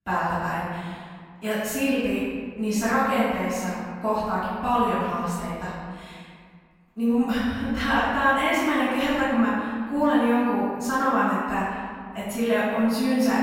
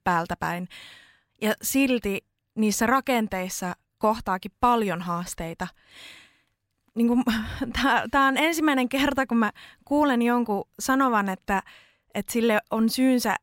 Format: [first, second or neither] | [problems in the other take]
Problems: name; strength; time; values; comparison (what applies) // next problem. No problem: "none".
second | off-mic speech; far // room echo; strong; dies away in 1.8 s